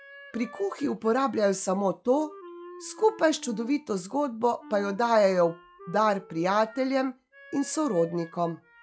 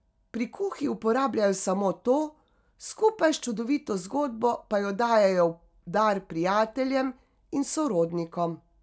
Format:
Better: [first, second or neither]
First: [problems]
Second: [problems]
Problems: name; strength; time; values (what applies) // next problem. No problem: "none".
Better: second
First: noise reduction (classical method log-MMSE)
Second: none